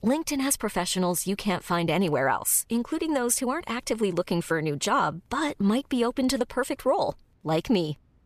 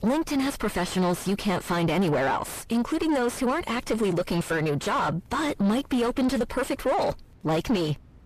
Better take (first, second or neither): first